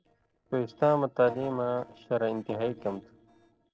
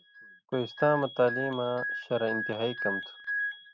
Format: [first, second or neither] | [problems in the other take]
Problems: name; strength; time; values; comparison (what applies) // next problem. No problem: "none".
second | noise reduction (neural separator model SepFormer DNS4)